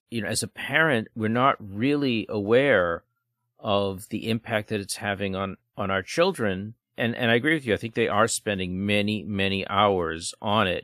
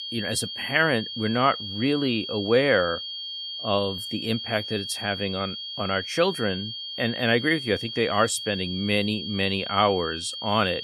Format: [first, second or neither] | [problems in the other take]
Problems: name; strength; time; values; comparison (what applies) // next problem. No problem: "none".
first | high-pitched whine; loud; throughout; 3 kHz, 7 dB below the speech